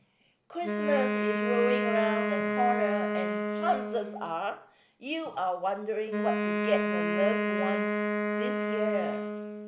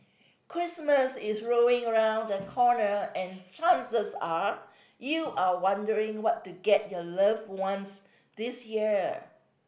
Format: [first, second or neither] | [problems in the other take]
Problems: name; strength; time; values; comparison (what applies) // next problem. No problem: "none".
second | background sound (Wind instrument, woodwind instrument); 1 dB above the speech